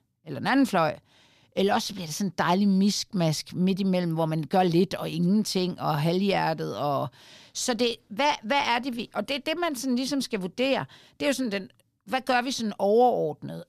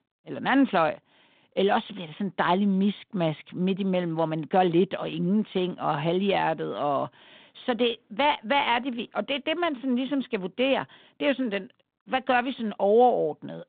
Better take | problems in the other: first | phone-call audio

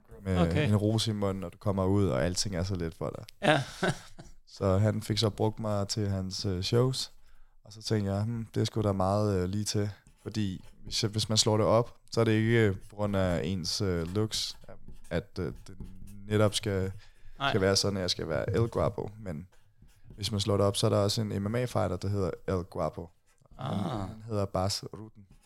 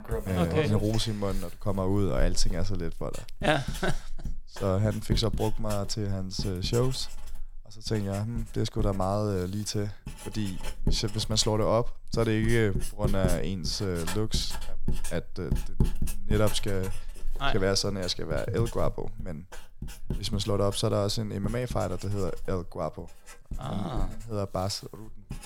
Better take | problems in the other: first | household noises; loud; throughout; 8 dB below the speech; faint in the first

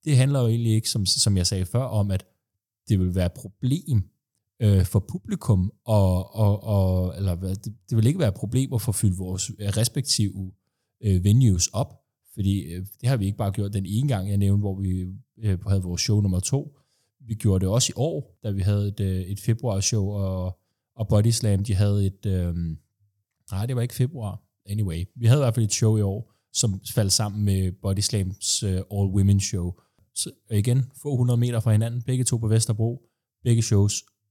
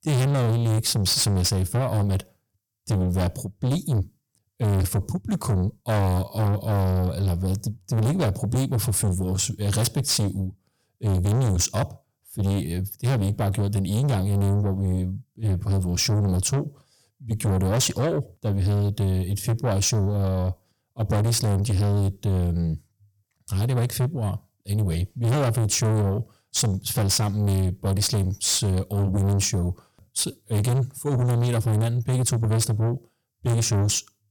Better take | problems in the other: first | distortion; heavy; 7 dB below the speech

